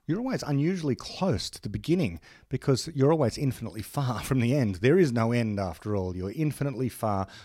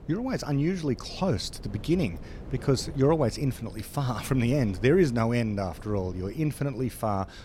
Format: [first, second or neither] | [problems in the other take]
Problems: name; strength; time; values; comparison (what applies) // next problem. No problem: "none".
first | wind noise on the microphone; occasional gusts; 20 dB below the speech